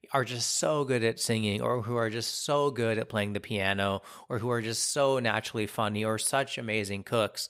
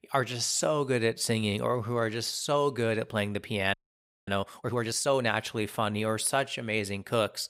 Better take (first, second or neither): first